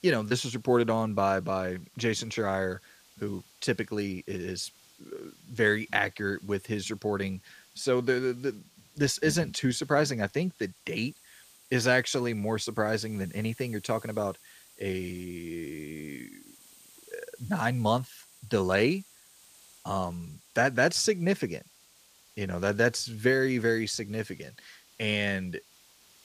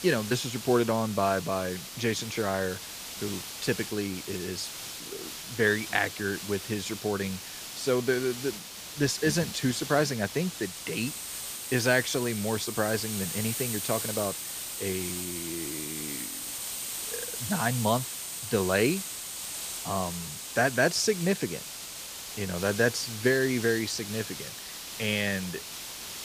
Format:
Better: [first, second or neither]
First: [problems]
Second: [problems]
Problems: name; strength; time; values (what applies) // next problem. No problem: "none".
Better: first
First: hiss; faint; throughout; 25 dB below the speech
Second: hiss; loud; throughout; 6 dB below the speech